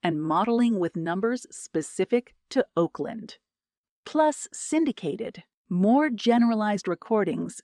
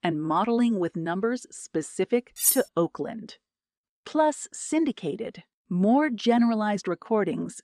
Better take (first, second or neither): first